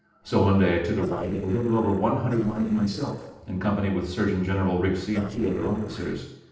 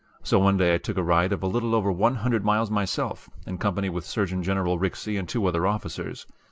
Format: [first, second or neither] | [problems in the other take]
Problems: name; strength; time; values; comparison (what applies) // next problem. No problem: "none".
second | noise reduction (neural separator model SepFormer DNS4)